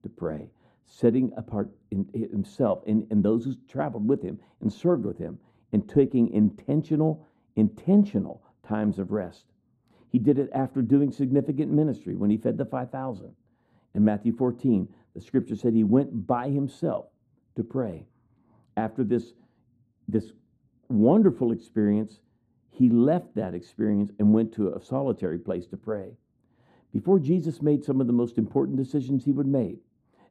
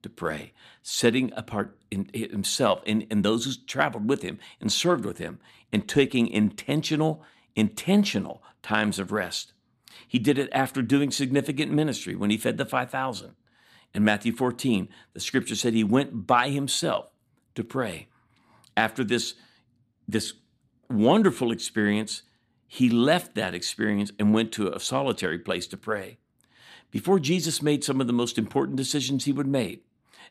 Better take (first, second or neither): second